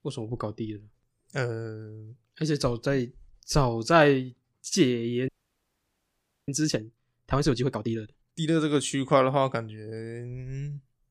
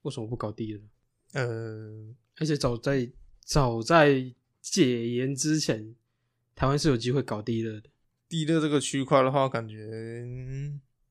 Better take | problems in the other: second | audio freezing; at 5.5 s for 1 s

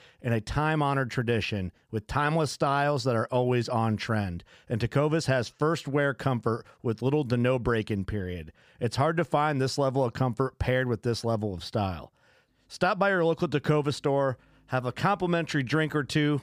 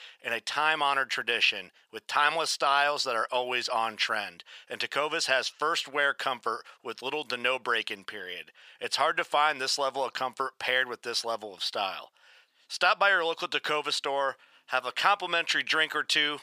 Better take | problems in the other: first | thin; very; fading below 850 Hz

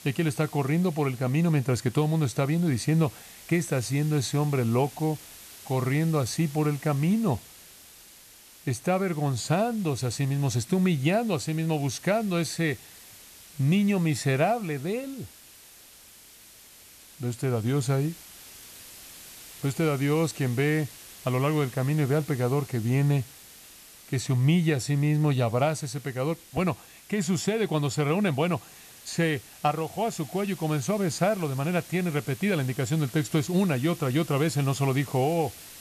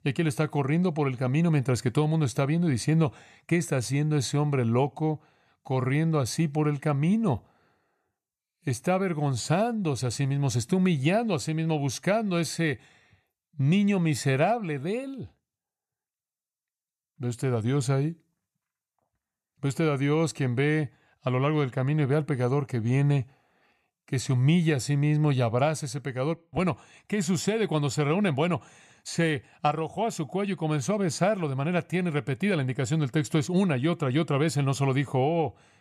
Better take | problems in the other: second | hiss; noticeable; throughout; 20 dB below the speech

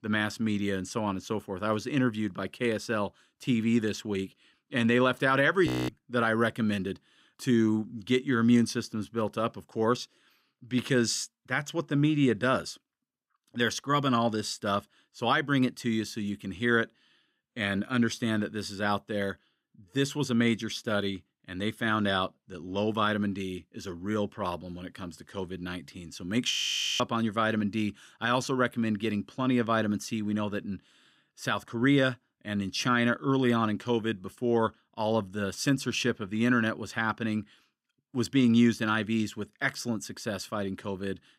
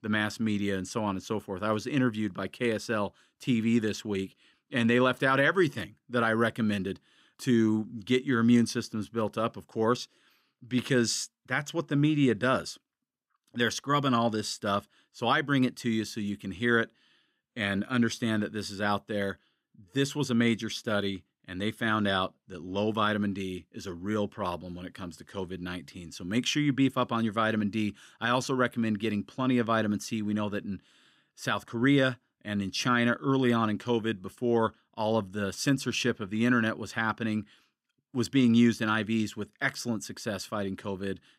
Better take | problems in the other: second | audio freezing; at 5.5 s and at 27 s

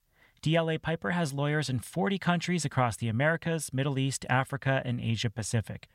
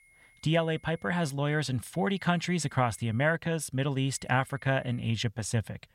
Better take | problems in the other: first | high-pitched whine; faint; until 1.5 s, from 2 to 3.5 s and from 4 to 5 s; 2 kHz, 30 dB below the speech

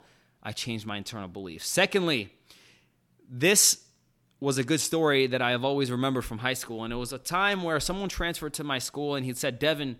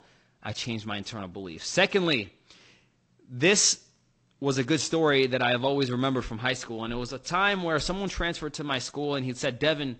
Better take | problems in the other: first | garbled, watery; slightly; nothing above 8 kHz

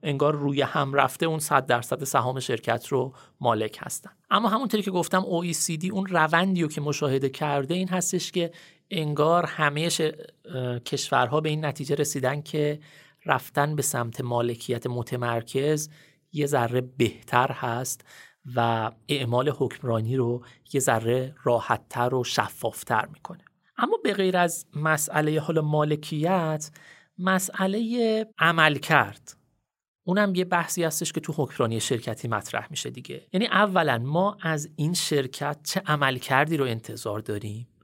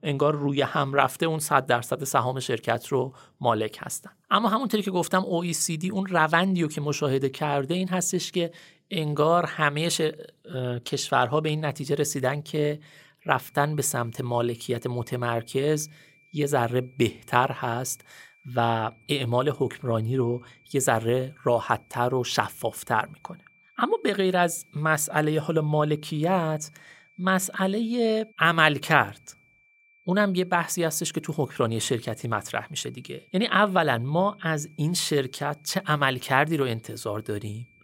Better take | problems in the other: first | high-pitched whine; faint; from 13 s on; 2.5 kHz, 35 dB below the speech

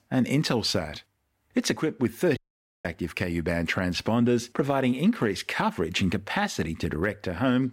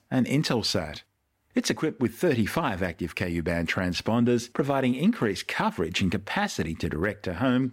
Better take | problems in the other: second | audio cutting out; at 2.5 s

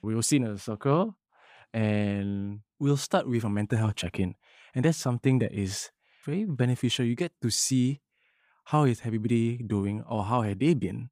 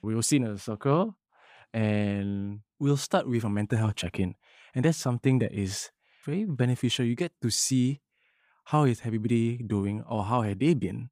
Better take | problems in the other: neither | none

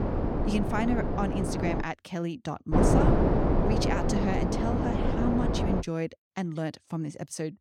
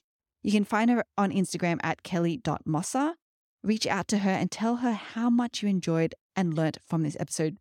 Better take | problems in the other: second | wind noise on the microphone; heavy; until 2 s and from 2.5 to 6 s; 3 dB above the speech

